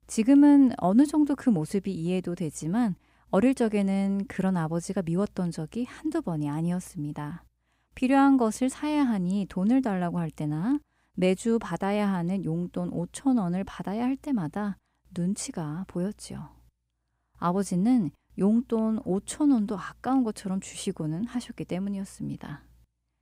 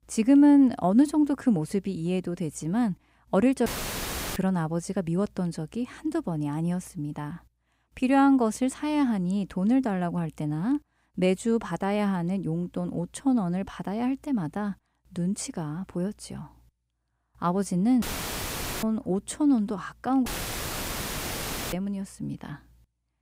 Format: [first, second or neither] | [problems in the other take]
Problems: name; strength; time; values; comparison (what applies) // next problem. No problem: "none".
first | audio cutting out; filled with static; at 3.5 s for 0.5 s, at 18 s for 1 s and at 20 s for 1.5 s